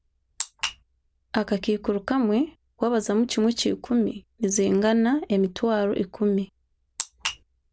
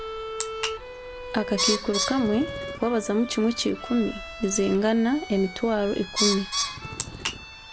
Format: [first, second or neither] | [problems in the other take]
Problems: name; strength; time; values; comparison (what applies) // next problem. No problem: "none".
first | background sound (Bird + Bowed string instrument); 6 dB below the speech